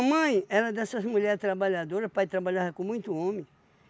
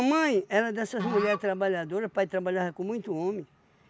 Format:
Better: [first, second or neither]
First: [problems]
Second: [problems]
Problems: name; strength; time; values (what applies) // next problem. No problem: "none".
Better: first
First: none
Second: background sound (Musical instrument); 13 dB below the speech